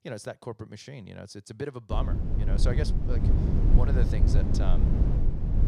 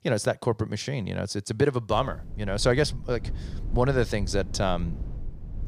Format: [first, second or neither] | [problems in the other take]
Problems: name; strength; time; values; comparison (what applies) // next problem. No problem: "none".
second | low rumble; loud; from 2 s on; as loud as the speech; faint in the second